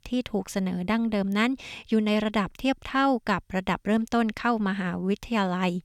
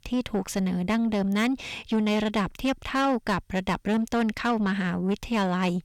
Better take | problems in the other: first | distortion; slight; 10 dB below the speech

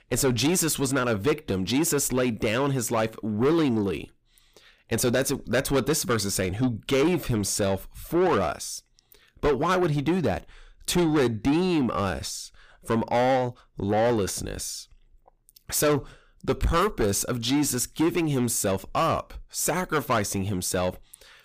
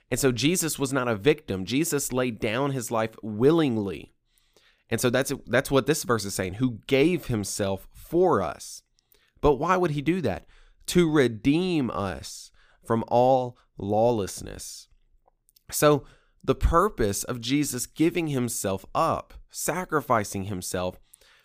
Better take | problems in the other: second | distortion; heavy; 8 dB below the speech

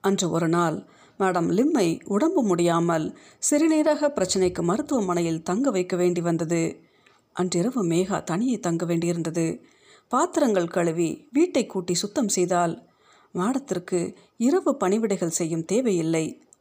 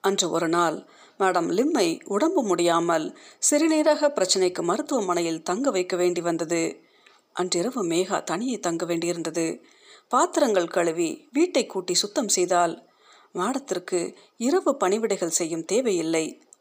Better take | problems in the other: first | thin; very slightly; fading below 350 Hz

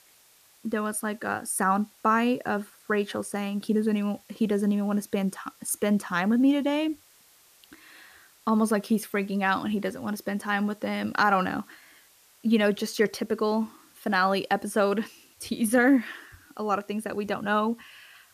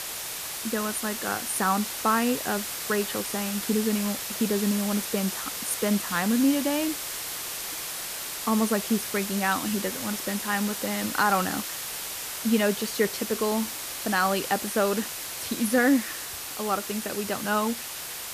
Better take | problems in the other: first | hiss; loud; throughout; 4 dB below the speech; faint in the first

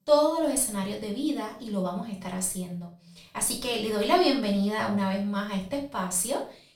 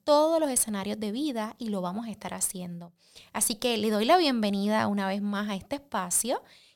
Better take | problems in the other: second | off-mic speech; far // room echo; slight; dies away in 0.4 s

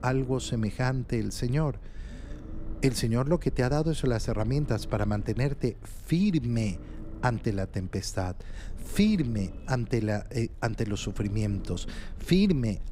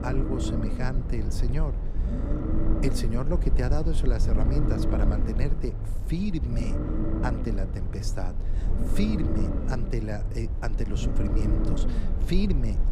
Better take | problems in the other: first | low rumble; loud; throughout; 2 dB below the speech; faint in the first

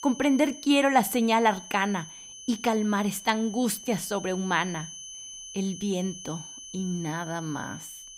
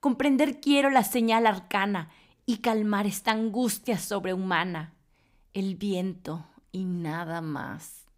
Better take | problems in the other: second | high-pitched whine; noticeable; throughout; 6 kHz, 15 dB below the speech

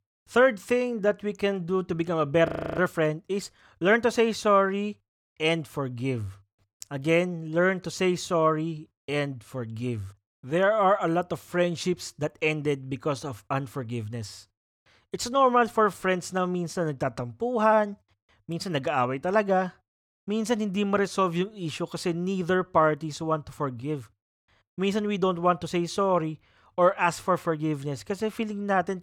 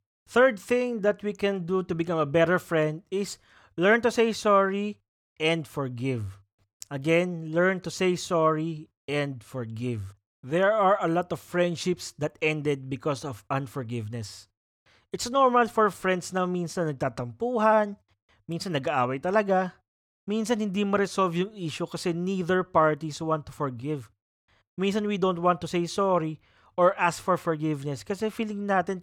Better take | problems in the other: second | audio freezing; at 2.5 s

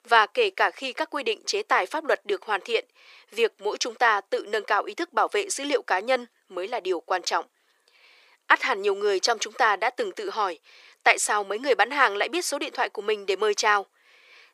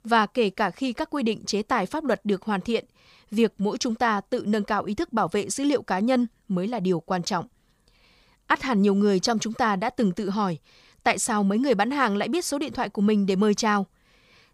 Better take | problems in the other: second | thin; very; fading below 350 Hz

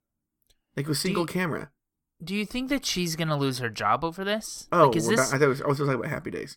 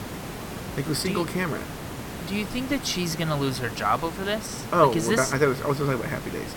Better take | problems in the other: first | hiss; loud; throughout; 10 dB below the speech

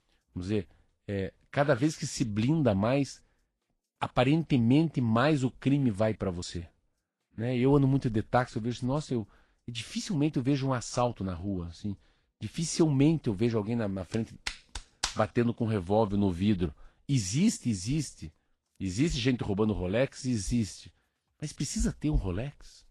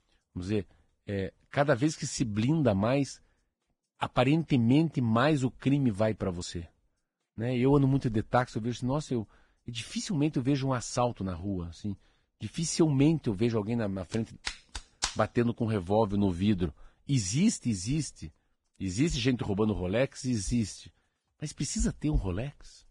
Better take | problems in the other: first | garbled, watery; badly; nothing above 10 kHz; slightly in the first

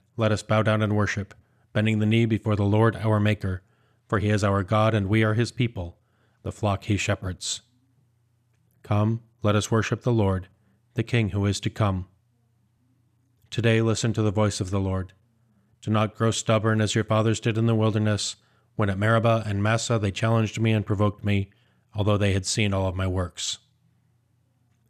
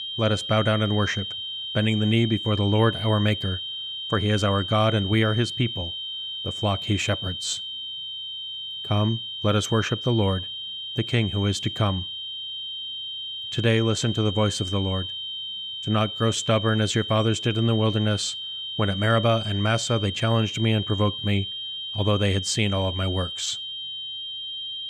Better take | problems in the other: first | high-pitched whine; loud; throughout; 3 kHz, 6 dB below the speech

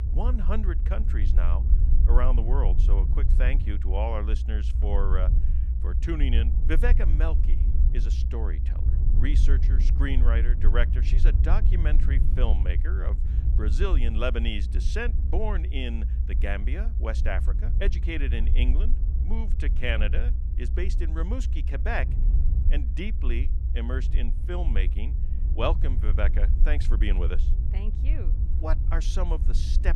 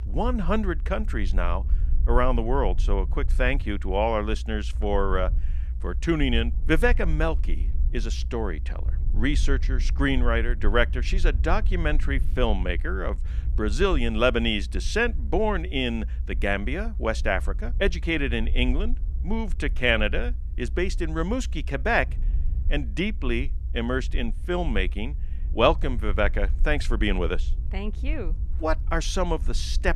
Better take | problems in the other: second | low rumble; loud; throughout; 10 dB below the speech; faint in the second

